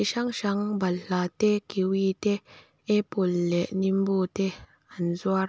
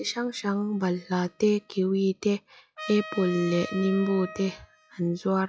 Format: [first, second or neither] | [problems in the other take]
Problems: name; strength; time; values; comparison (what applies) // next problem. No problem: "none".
first | noise reduction (classical method log-MMSE)